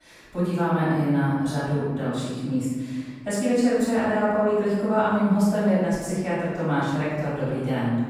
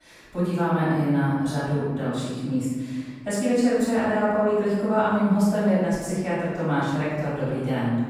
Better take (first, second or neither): neither